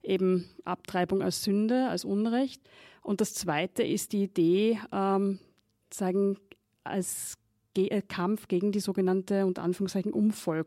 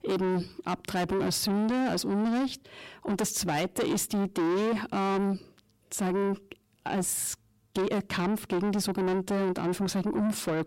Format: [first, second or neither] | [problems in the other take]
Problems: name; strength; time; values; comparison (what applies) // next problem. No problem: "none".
first | distortion; heavy; 7 dB below the speech